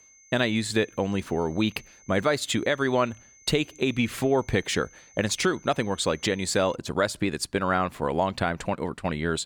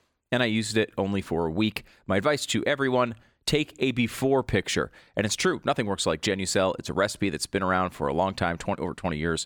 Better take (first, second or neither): second